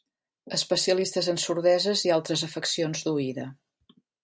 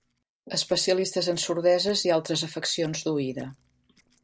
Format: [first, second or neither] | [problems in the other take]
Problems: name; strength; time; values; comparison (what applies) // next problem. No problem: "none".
first | noise reduction (neural separator model SepFormer DNS4)